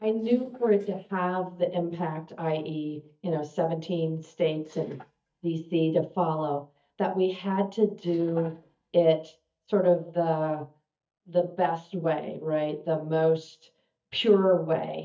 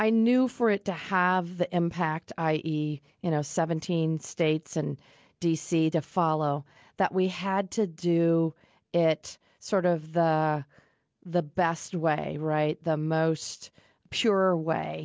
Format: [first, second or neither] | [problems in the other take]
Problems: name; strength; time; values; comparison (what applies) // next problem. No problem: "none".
second | noise reduction (neural mask model DeepFilterNet 3)